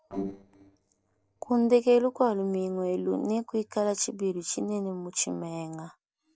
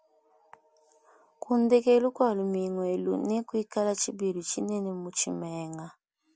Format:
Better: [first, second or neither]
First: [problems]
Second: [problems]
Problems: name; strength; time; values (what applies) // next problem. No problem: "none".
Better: second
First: noise reduction (neural separator model SepFormer DNS4)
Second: none